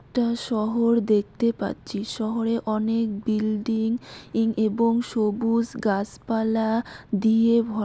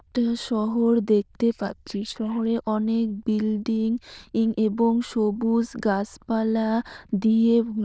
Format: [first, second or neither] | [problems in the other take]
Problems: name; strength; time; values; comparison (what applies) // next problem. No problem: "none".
first | noise reduction (neural diffusion model UNIVERSE++)